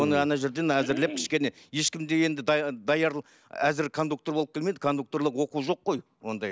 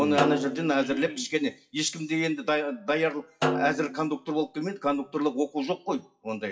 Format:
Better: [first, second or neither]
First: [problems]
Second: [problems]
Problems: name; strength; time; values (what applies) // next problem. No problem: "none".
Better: first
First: none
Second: noise reduction (classical method WPE with log-MMSE)